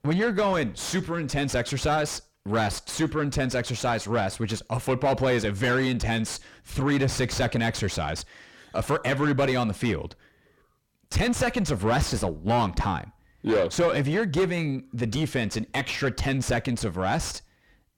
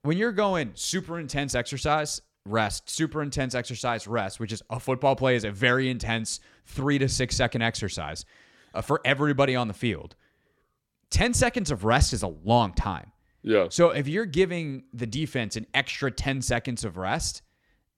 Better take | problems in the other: second | distortion; heavy; 5 dB below the speech

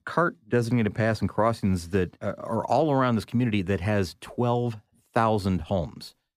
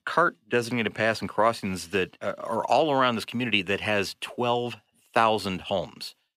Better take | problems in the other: first | thin; somewhat; fading below 600 Hz

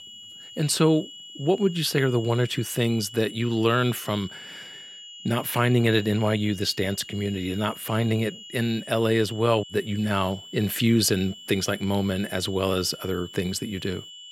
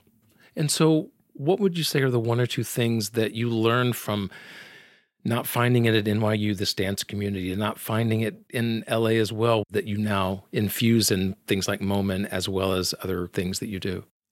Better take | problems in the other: second | high-pitched whine; noticeable; throughout; 3 kHz, 15 dB below the speech

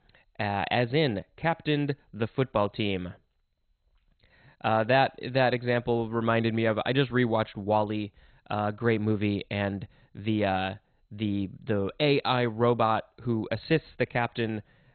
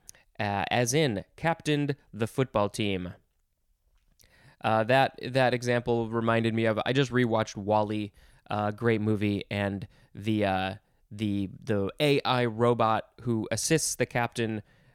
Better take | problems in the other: second | garbled, watery; badly; nothing above 4 kHz

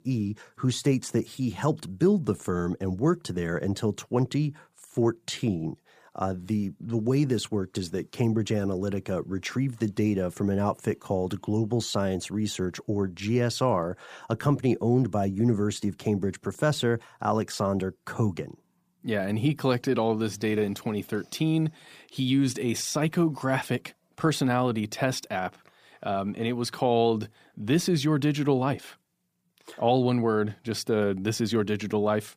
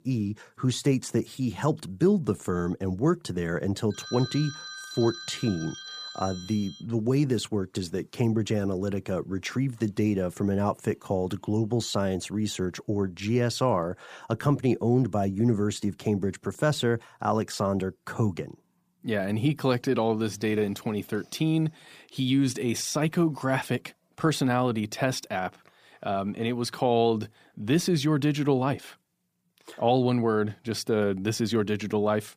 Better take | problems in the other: first | phone ringing; noticeable; from 4 to 7 s; peak 9 dB below the speech

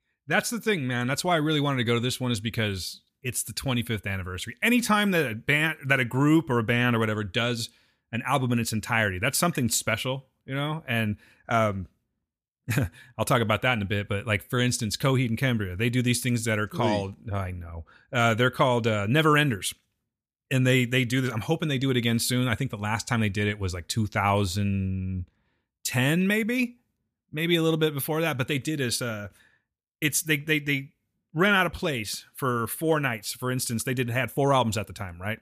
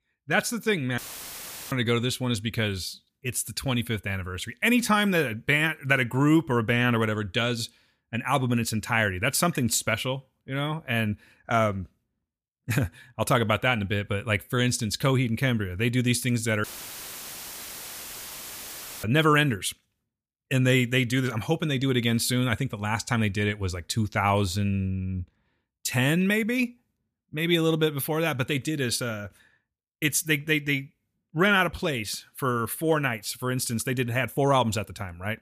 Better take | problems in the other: first | audio cutting out; filled with static; at 1 s for 0.5 s and at 17 s for 2.5 s

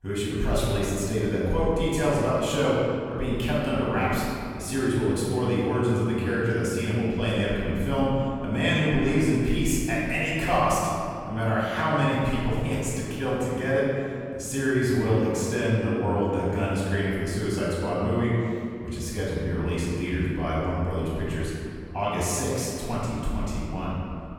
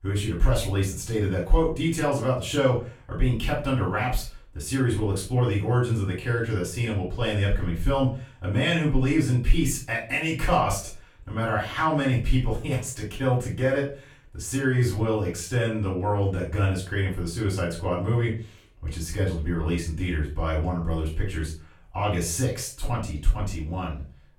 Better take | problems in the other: second | room echo; strong; dies away in 2.3 s; slight in the second // off-mic speech; far; far in the second

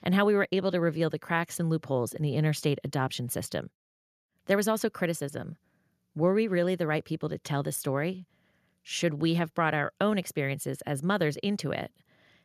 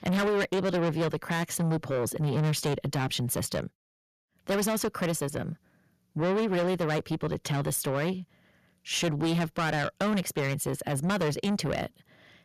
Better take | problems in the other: first | distortion; heavy; 6 dB below the speech

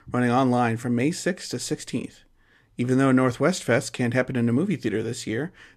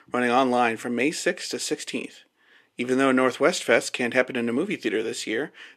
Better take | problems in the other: first | thin; very slightly; fading below 350 Hz

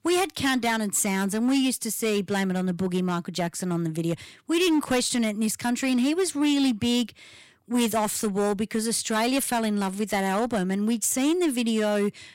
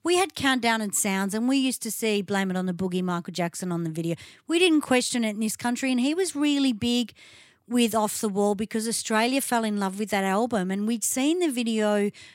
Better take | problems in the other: second | distortion; slight; 9% of the sound clipped

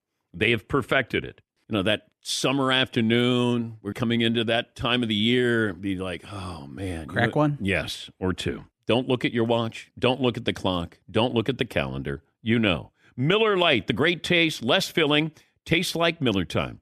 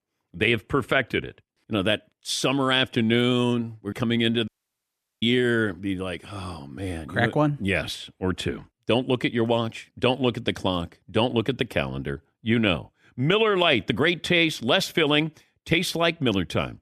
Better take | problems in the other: first | audio cutting out; at 4.5 s for 0.5 s

